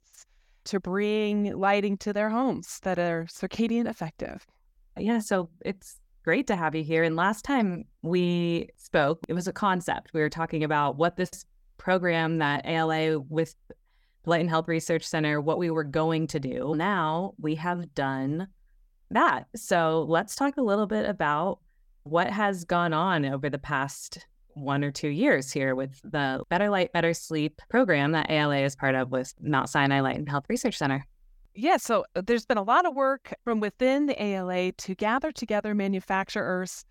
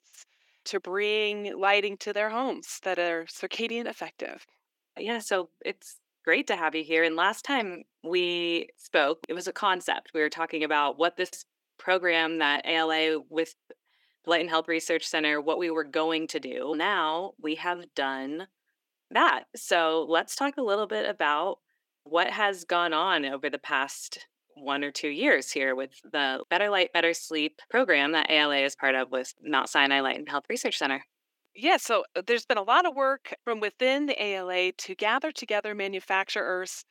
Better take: first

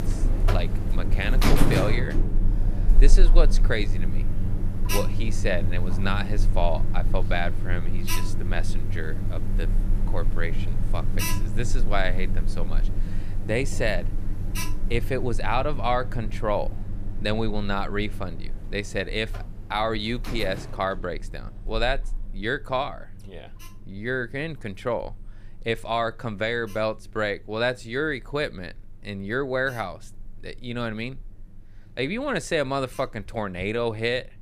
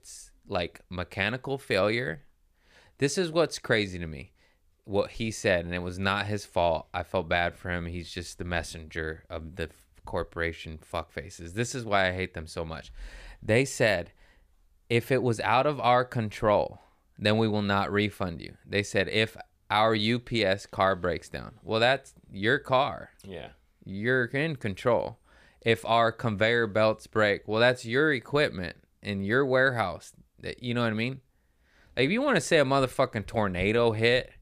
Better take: second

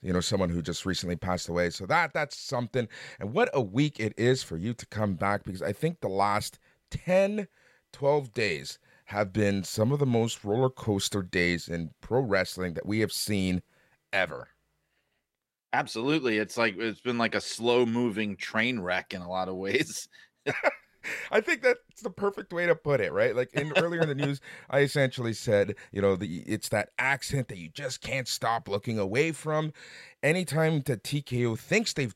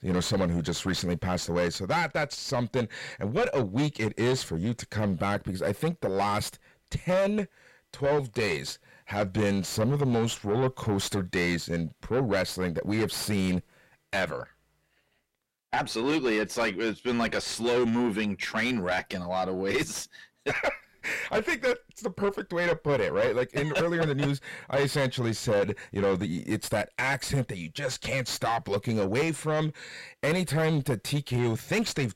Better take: first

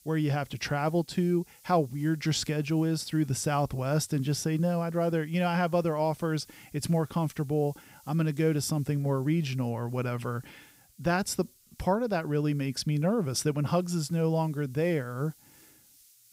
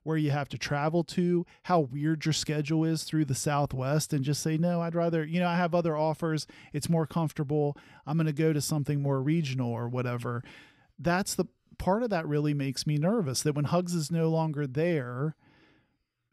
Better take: second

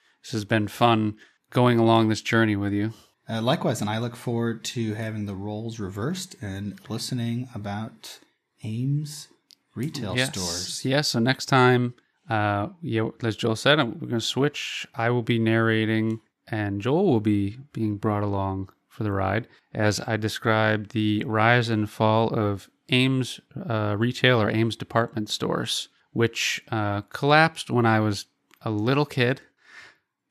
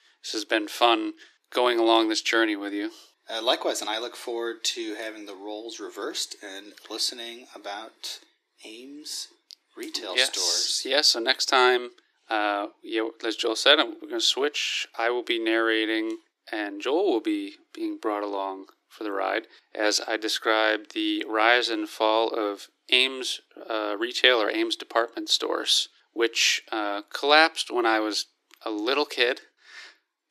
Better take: first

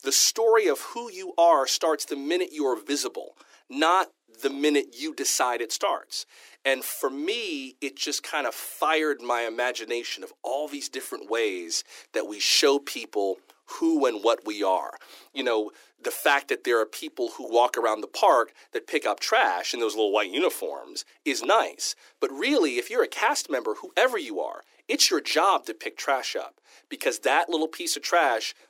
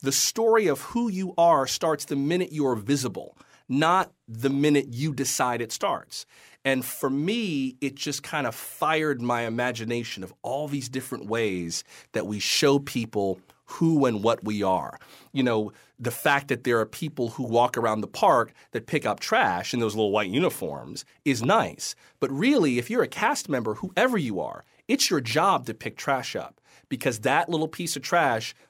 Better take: second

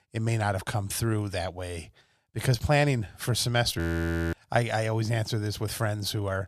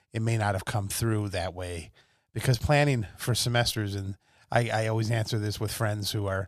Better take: second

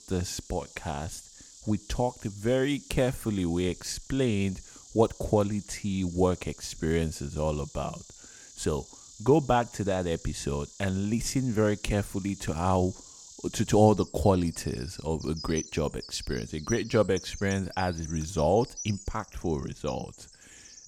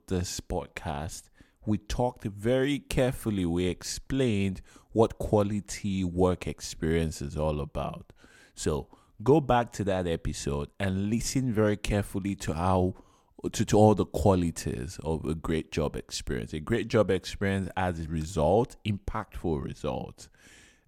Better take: second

